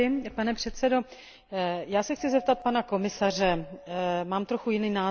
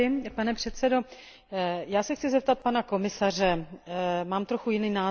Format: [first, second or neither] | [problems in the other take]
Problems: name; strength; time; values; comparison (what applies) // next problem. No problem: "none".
second | background sound (Doorbell); 16 dB below the speech